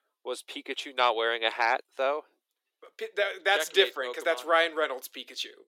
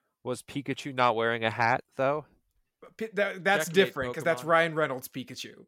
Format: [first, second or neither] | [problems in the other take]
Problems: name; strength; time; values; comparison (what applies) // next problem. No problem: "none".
second | thin; very; fading below 350 Hz